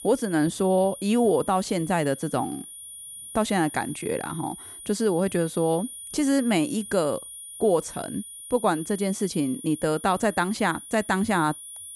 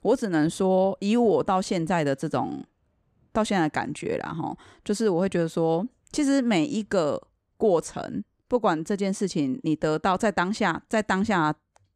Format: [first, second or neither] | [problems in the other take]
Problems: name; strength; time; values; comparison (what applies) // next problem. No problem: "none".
second | high-pitched whine; noticeable; throughout; 9.5 kHz, 15 dB below the speech